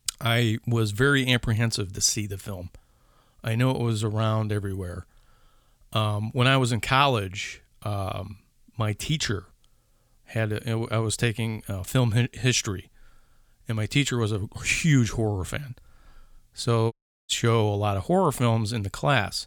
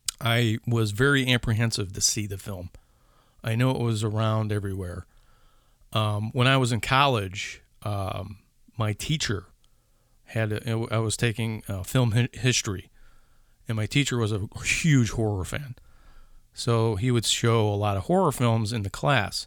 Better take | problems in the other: second | audio cutting out; at 17 s

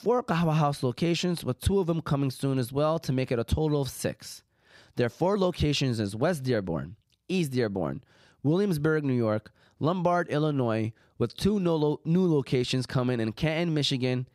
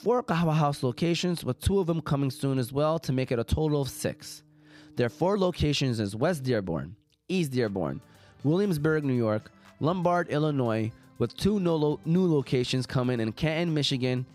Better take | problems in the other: first | background music; faint; throughout; 30 dB below the speech

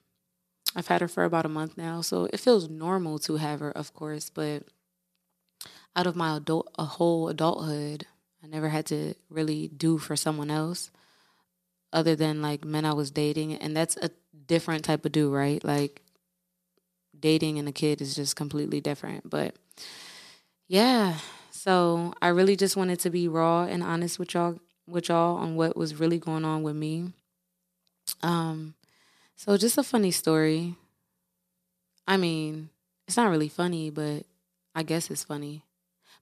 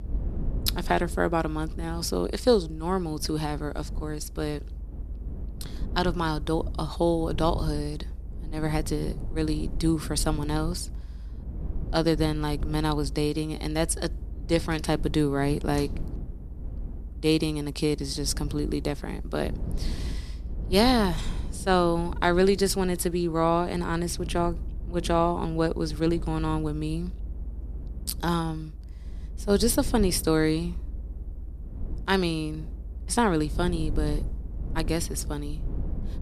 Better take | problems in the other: first | low rumble; faint; throughout; 20 dB below the speech

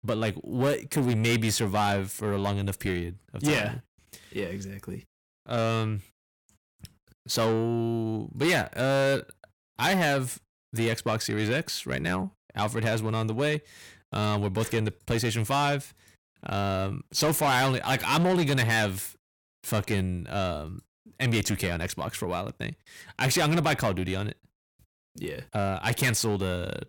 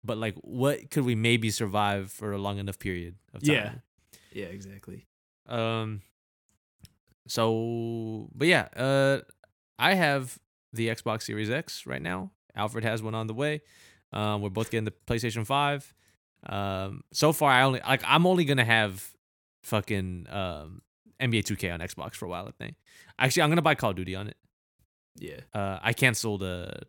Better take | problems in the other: second | distortion; heavy; 6 dB below the speech

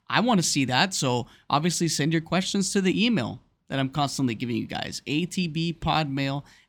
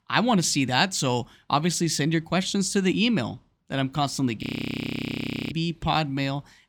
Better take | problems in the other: first | audio freezing; at 4.5 s for 1 s

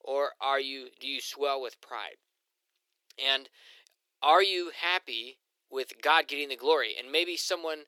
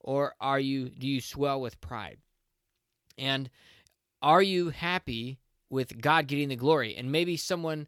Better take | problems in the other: second | thin; very; fading below 350 Hz

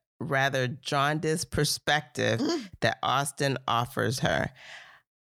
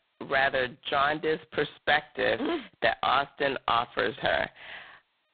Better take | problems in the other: first | phone-call audio; poor line; nothing above 4 kHz

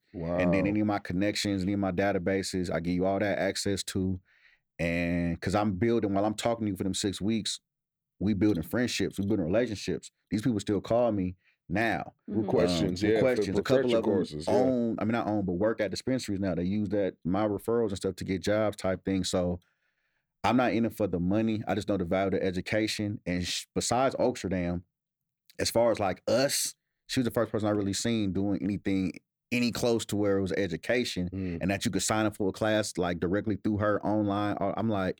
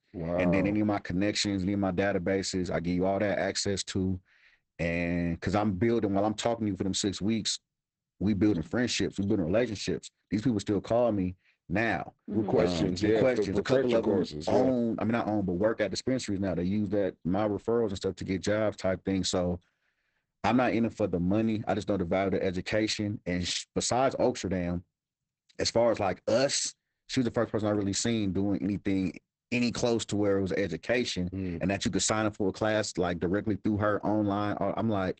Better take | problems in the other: first | garbled, watery; badly; nothing above 8 kHz

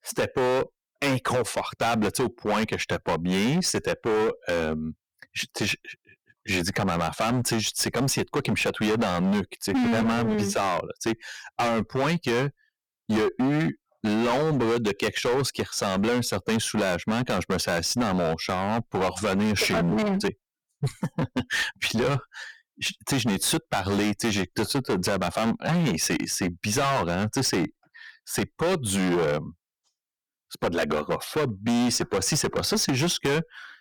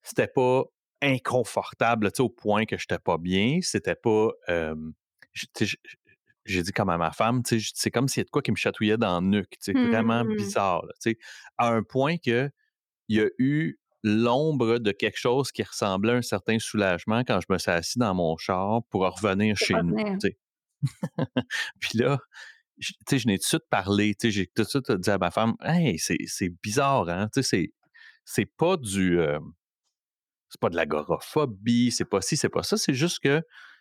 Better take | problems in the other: second | distortion; heavy; 19% of the sound clipped

